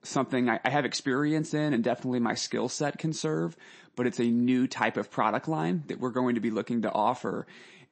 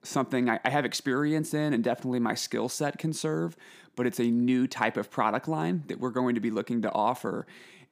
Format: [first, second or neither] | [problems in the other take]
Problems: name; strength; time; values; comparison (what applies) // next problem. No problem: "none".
second | garbled, watery; slightly; nothing above 8 kHz